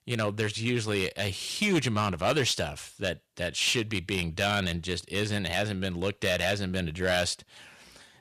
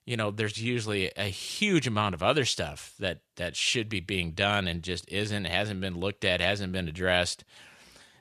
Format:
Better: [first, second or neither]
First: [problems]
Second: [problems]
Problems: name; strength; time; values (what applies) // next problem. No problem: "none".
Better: second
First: distortion; slight; 3% of the sound clipped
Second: none